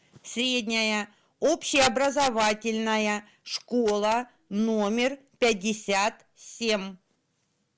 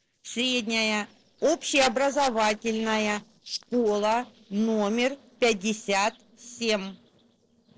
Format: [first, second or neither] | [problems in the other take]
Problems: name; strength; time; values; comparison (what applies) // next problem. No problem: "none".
first | noise reduction (neural separator model SepFormer DNS4)